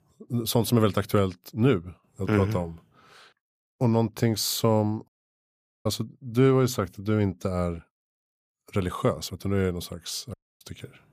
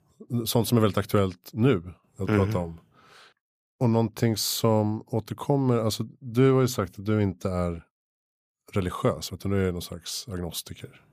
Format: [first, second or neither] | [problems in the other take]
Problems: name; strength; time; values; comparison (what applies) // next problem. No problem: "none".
second | audio cutting out; at 5 s for 1 s and at 10 s